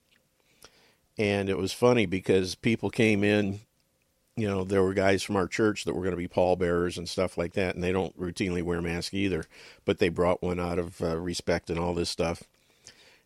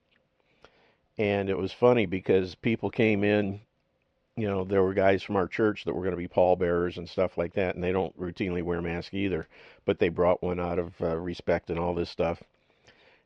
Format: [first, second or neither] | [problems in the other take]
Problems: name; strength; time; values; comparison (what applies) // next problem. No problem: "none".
first | muffled; slightly; fading above 3.5 kHz